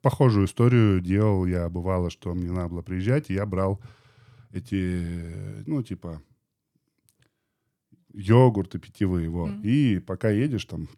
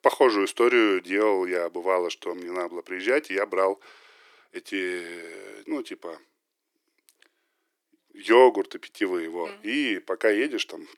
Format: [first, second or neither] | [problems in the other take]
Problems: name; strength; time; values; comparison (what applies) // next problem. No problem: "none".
first | thin; very; fading below 350 Hz